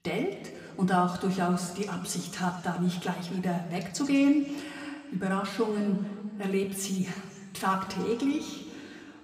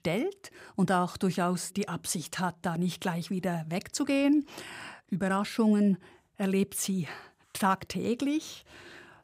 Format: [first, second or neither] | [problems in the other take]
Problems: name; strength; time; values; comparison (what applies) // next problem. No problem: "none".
second | room echo; slight; dies away in 2 s // off-mic speech; somewhat distant